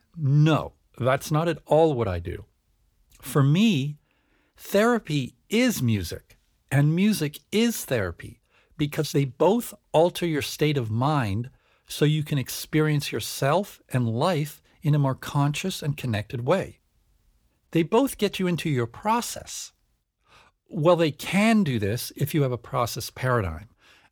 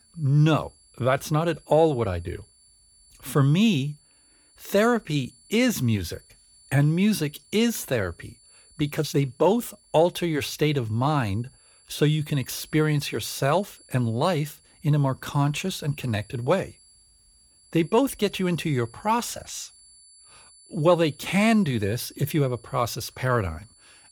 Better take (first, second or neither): first